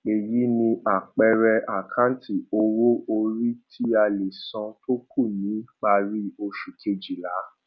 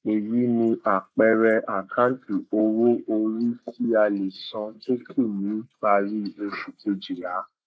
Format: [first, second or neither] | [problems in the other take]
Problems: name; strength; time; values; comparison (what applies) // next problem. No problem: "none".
first | noise reduction (neural mask model Resemble Enhance denoiser)